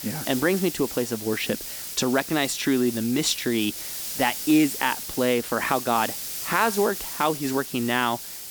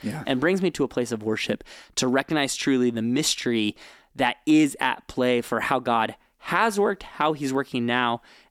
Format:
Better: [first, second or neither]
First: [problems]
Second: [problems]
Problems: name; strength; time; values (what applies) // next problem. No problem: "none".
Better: second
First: hiss; loud; throughout; 7 dB below the speech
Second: none